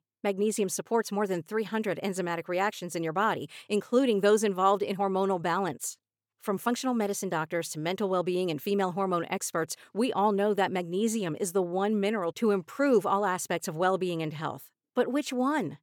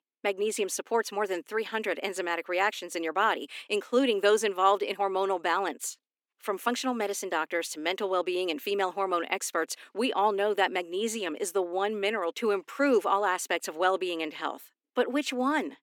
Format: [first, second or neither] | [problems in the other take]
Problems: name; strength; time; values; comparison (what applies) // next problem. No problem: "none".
first | thin; very slightly; fading below 250 Hz